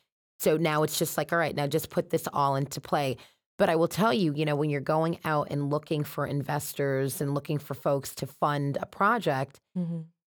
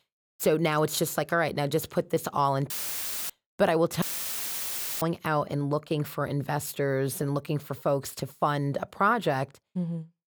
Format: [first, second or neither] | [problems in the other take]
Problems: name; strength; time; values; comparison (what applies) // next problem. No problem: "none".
first | audio cutting out; filled with static; at 2.5 s for 0.5 s and at 4 s for 1 s